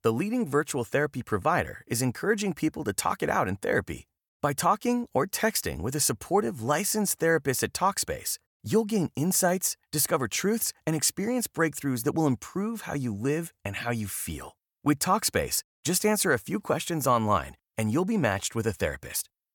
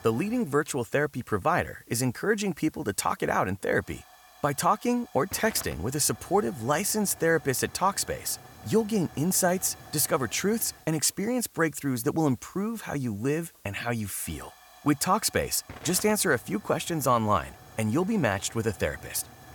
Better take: first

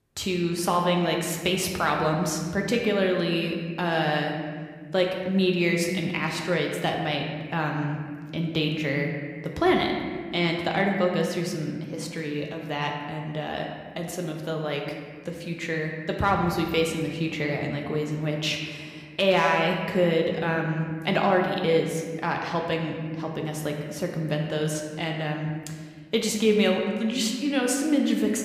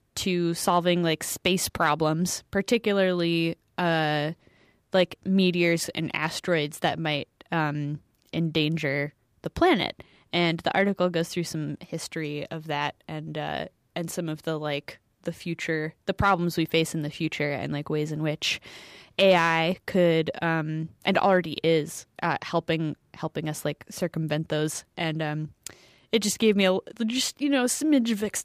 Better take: second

